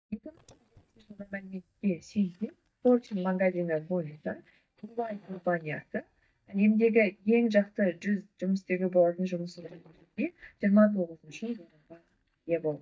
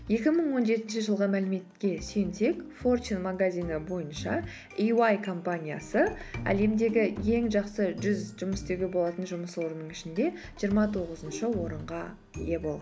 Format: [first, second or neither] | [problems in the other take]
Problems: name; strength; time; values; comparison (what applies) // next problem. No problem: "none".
second | noise reduction (neural mask model DeepFilterNet 3)